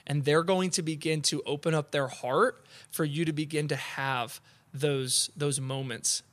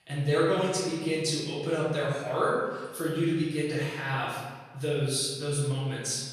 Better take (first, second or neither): first